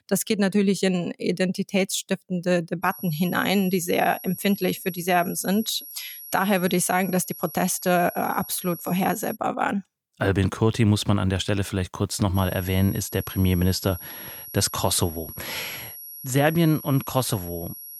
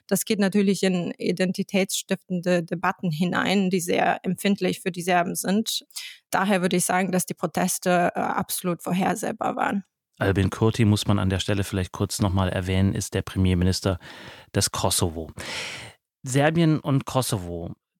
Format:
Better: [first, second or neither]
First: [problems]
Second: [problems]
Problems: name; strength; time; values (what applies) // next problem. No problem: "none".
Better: second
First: high-pitched whine; noticeable; from 3 to 9.5 s and from 12 s on; 11.5 kHz, 15 dB below the speech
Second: none